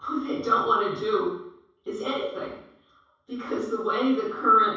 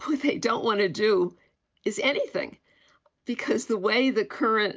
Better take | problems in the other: second | room echo; dies away in 0.7 s

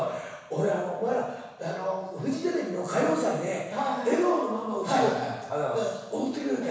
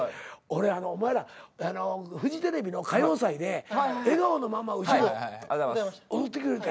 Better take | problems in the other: second | room echo; dies away in 1.1 s

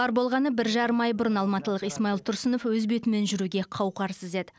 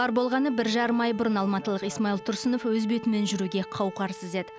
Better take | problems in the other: first | background sound (Bowed string instrument); 16 dB below the speech

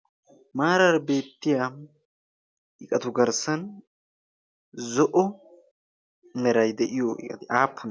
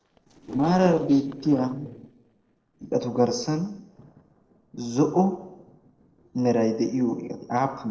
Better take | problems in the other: first | noise reduction (neural separator model SepFormer DNS4)

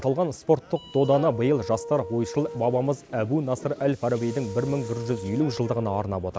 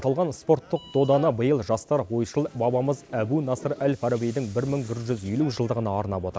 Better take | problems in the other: second | background sound (Wind instrument, woodwind instrument); 14 dB below the speech

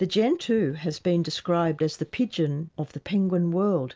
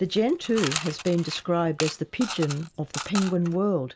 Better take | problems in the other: first | background sound (Coin (dropping) / Mechanisms); 10 dB below the speech

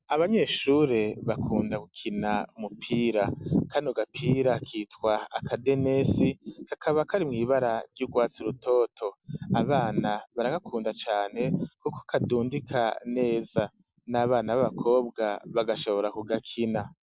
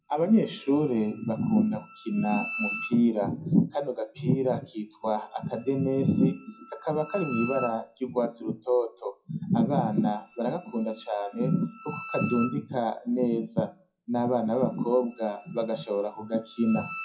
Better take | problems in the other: first | noise reduction (classical method WPE with log-MMSE)

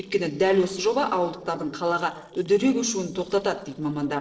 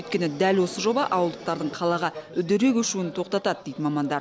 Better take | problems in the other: second | noise reduction (neural separator model SepFormer DNS4)

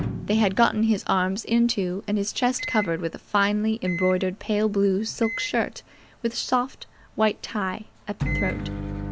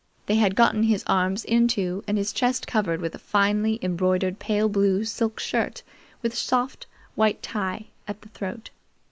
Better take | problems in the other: second | background sound (Microwave oven); 10 dB below the speech

